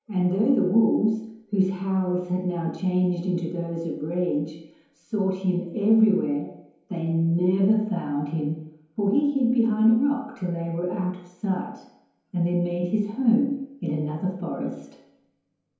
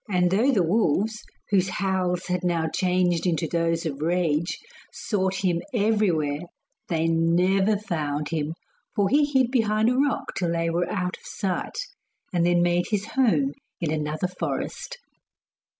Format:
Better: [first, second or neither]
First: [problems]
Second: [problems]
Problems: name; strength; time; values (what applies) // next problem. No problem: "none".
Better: second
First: room echo; dies away in 0.9 s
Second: none